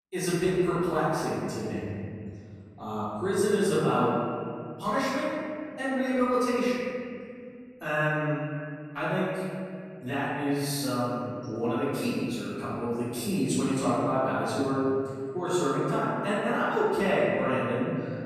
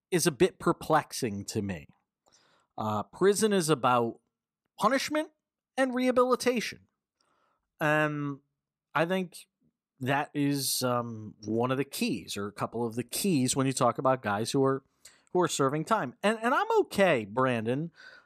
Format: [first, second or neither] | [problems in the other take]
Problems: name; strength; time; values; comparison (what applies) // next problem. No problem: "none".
second | room echo; strong; dies away in 2.5 s // off-mic speech; far